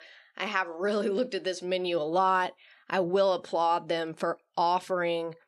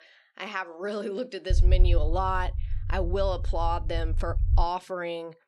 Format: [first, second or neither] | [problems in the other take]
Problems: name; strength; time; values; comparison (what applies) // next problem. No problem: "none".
first | low rumble; noticeable; from 1.5 to 4.5 s; 20 dB below the speech